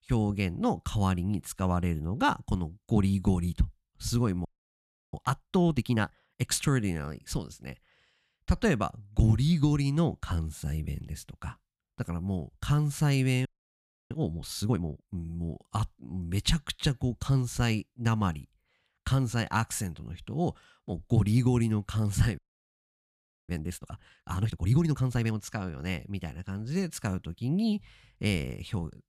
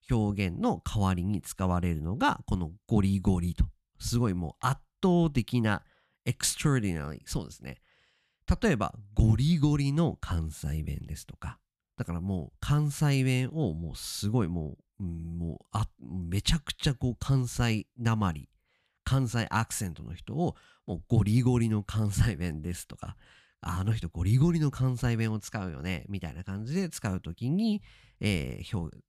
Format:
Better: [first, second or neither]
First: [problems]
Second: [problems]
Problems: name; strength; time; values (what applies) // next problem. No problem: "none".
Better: second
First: audio freezing; at 4.5 s for 0.5 s, at 13 s for 0.5 s and at 22 s for 1 s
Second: none